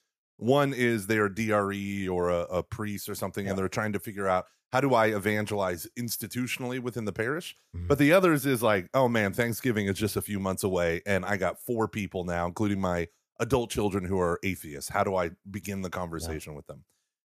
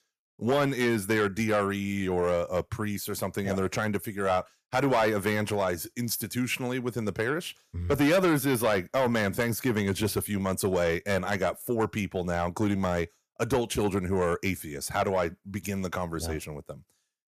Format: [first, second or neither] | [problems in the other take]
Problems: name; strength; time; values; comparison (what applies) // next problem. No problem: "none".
first | distortion; slight; 10 dB below the speech